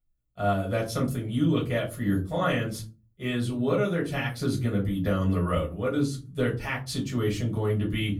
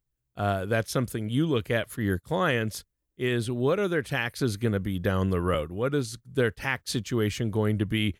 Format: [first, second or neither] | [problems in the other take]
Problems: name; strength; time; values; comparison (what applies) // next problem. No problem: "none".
second | off-mic speech; far // room echo; very slight; dies away in 0.3 s